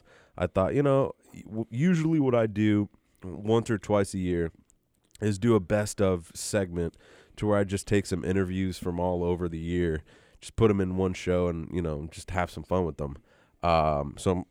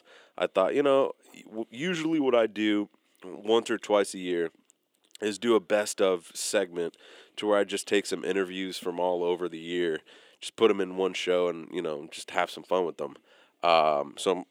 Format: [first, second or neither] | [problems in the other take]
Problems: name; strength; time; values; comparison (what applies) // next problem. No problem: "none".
first | thin; somewhat; fading below 300 Hz